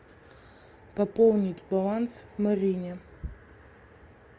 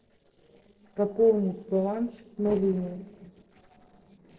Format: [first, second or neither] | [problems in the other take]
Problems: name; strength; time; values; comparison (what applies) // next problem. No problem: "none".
first | noise reduction (neural separator model SepFormer DNS4)